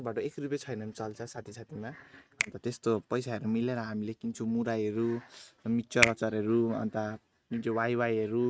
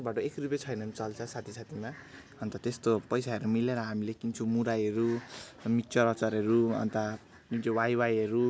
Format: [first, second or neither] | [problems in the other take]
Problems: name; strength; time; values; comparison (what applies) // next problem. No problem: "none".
second | noise reduction (neural mask model RNNoise)